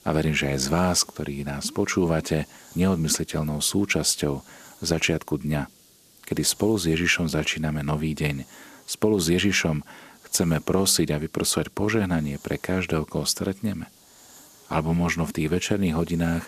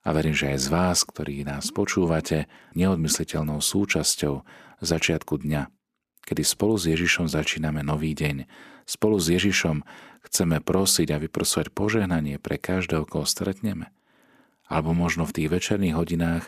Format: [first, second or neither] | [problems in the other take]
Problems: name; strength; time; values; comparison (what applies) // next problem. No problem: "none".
second | hiss; faint; throughout; 25 dB below the speech